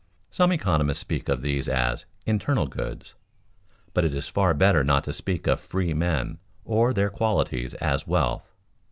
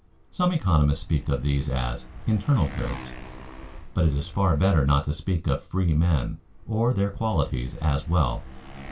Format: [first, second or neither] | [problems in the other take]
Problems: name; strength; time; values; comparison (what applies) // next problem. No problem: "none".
first | background sound (Motorcycle); 17 dB below the speech // room echo; dies away in 0.2 s